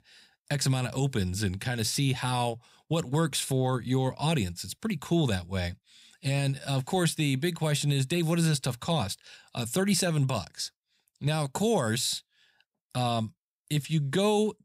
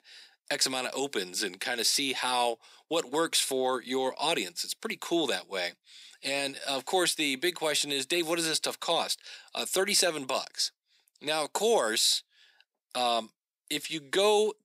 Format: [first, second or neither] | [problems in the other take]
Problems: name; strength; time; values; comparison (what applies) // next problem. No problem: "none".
first | thin; very; fading below 300 Hz